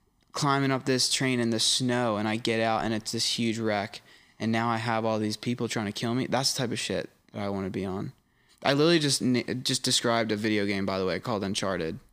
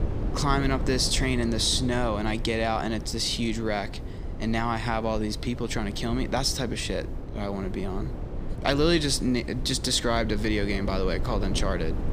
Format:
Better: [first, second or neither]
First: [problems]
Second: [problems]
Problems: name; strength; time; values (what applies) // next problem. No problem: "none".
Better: first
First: none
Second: low rumble; noticeable; throughout; 15 dB below the speech